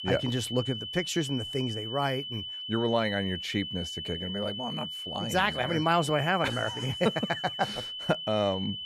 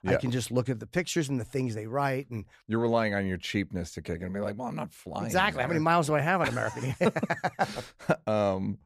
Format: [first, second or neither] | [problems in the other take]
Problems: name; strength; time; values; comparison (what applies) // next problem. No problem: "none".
second | high-pitched whine; loud; throughout; 3 kHz, 5 dB below the speech